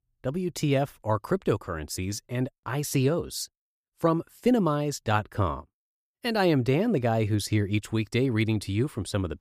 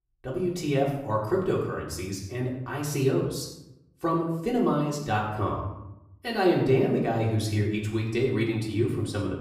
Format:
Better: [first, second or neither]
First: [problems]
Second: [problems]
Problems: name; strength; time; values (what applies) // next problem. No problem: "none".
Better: first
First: none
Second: off-mic speech; far // room echo; noticeable; dies away in 0.7 s